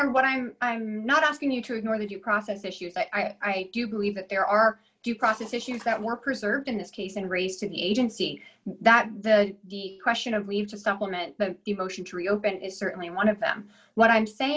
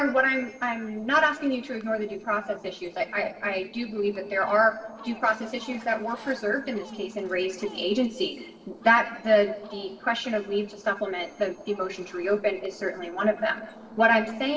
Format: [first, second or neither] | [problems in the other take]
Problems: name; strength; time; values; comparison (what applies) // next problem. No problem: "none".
first | noise reduction (neural separator model SepFormer DNS4)